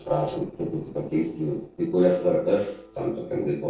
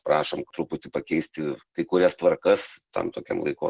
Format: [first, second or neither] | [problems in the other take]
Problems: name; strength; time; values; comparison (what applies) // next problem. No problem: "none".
second | noise reduction (neural separator model SepFormer DNS4)